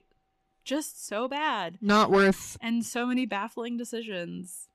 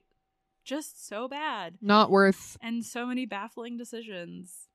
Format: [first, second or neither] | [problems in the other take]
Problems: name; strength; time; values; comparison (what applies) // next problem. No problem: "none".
second | distortion; heavy; 7 dB below the speech